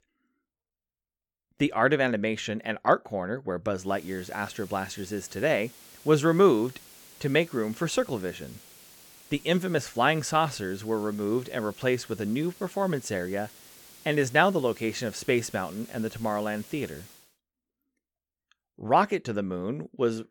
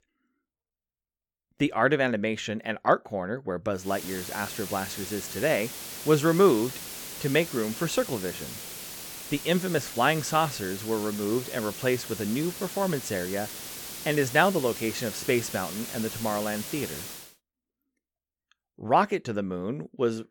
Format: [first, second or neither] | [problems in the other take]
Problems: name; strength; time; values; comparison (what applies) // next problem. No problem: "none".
first | hiss; loud; from 4 to 17 s; 9 dB below the speech; faint in the first